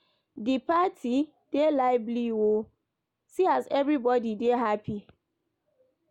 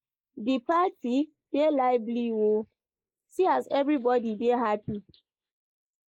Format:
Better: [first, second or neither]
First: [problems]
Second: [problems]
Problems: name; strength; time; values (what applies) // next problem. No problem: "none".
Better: first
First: none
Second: noise reduction (neural mask model Resemble Enhance denoiser)